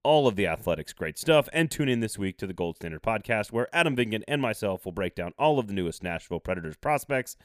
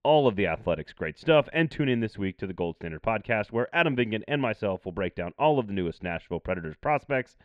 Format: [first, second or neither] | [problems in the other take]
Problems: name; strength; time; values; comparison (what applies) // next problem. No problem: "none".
first | muffled; slightly; fading above 3 kHz